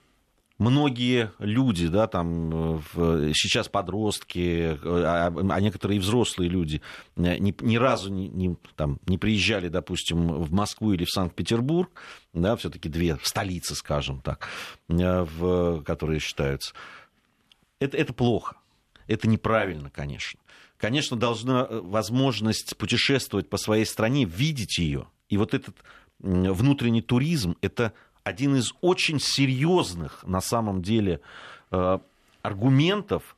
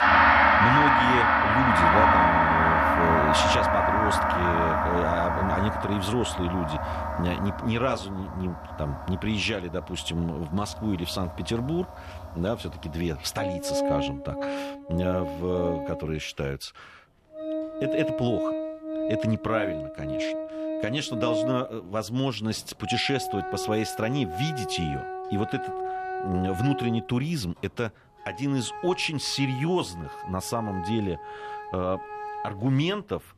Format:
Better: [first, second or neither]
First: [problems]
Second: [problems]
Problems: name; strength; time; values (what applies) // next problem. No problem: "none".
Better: first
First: none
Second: background music; very loud; throughout; 4 dB above the speech